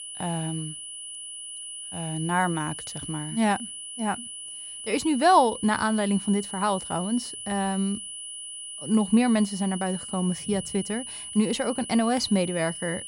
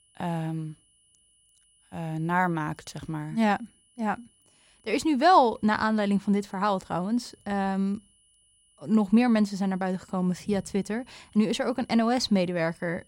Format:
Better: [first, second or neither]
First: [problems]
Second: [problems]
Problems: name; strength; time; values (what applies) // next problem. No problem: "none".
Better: second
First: high-pitched whine; loud; throughout; 10 kHz, 9 dB below the speech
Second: high-pitched whine; faint; throughout; 10 kHz, 35 dB below the speech